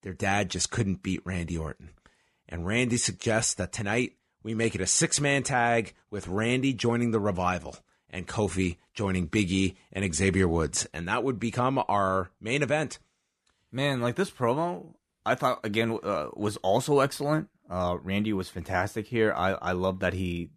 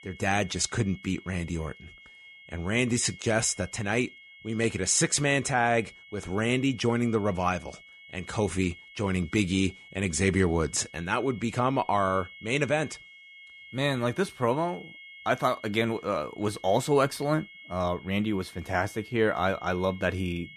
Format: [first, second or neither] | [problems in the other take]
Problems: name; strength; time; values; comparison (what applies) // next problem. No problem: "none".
first | high-pitched whine; noticeable; throughout; 2 kHz, 20 dB below the speech